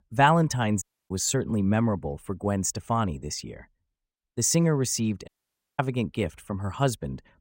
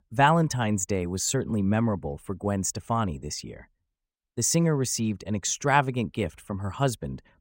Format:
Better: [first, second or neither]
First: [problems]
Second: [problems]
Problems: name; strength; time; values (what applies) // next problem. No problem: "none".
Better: second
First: audio cutting out; at 1 s and at 5.5 s for 0.5 s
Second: none